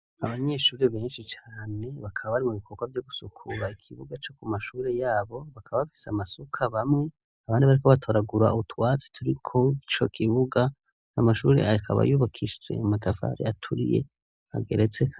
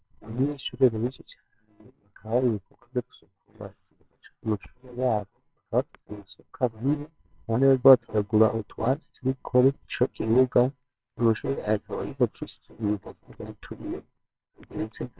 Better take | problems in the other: first | noise reduction (neural separator model SepFormer WHAMR!)

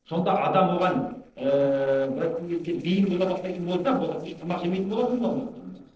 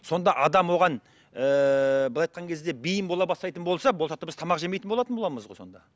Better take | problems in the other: second | noise reduction (neural separator model SepFormer DNS4)

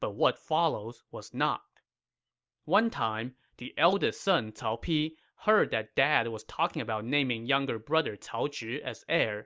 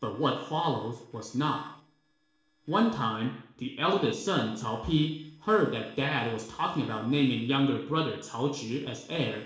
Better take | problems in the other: first | noise reduction (neural separator model SepFormer DNS4)

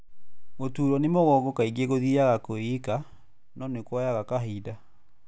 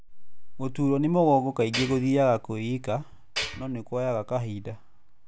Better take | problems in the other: first | background sound (Tools); 6 dB below the speech

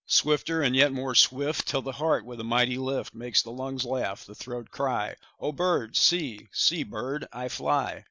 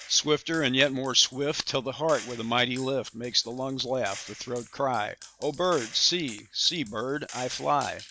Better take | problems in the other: first | background sound (Gunshot, gunfire); 18 dB below the speech

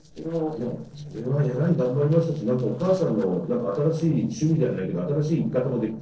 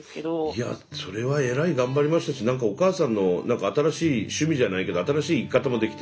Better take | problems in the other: second | noise reduction (neural separator model SepFormer DNS4)

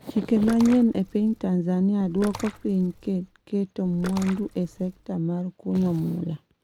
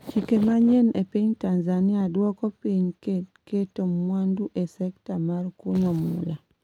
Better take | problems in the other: second | background sound (Splash, splatter); 18 dB below the speech

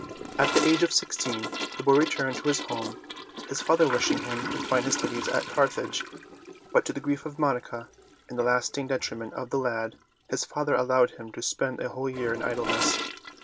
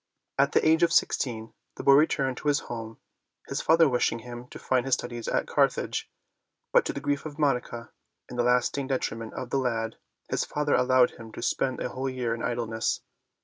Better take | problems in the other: second | background sound (Toilet flush / Gurgling); 7 dB below the speech

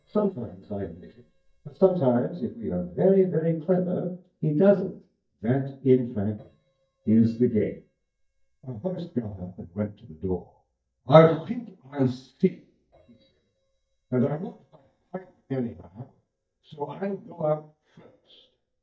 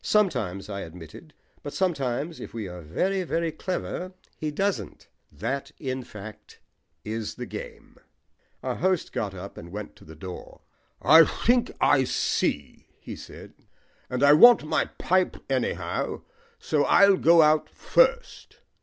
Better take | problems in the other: second | noise reduction (neural mask model DeepFilterNet 3)

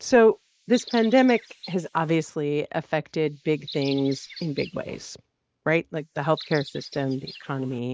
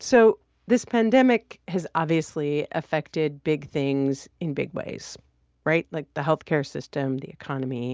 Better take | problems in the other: second | noise reduction (neural mask model Resemble Enhance denoiser)

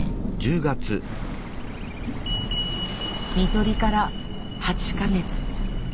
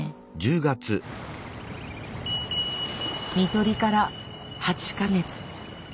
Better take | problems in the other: second | background sound (Thunder); as loud as the speech

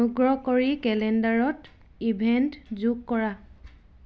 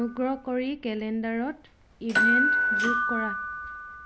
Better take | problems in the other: first | background sound (Door / Bell); 3 dB above the speech

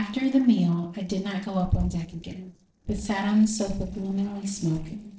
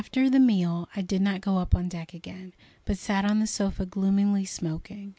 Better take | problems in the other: second | noise reduction (neural separator model SepFormer DNS4)

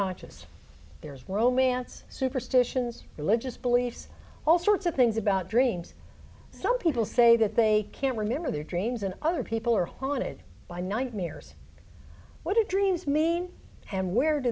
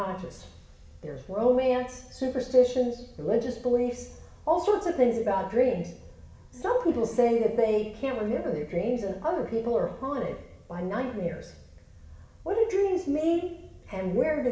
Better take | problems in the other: first | room echo; dies away in 0.8 s

